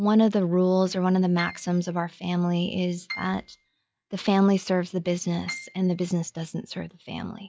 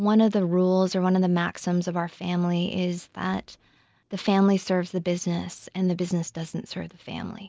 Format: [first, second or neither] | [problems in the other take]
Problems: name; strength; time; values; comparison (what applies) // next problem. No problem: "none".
second | noise reduction (classical method log-MMSE)